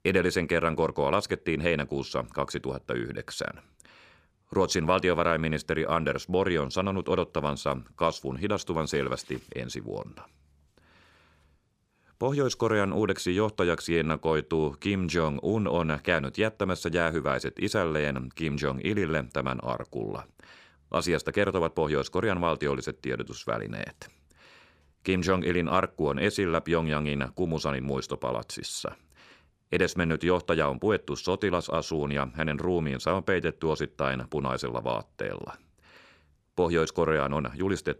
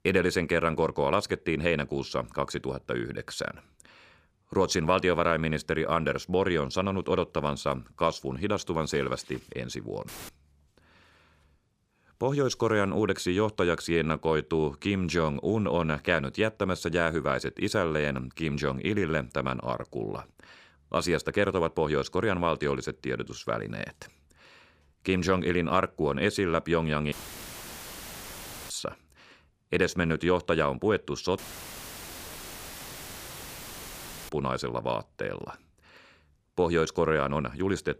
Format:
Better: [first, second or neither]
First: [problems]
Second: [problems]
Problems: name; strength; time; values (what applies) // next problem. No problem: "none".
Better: first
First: none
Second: audio cutting out; filled with static; at 10 s, at 27 s for 1.5 s and at 31 s for 3 s